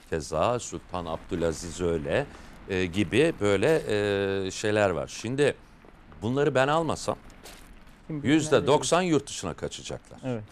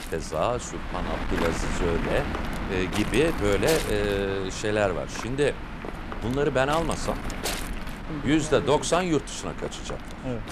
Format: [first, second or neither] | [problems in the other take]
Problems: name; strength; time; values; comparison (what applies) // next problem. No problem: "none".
first | wind noise on the microphone; heavy; 7 dB below the speech; occasional gusts in the first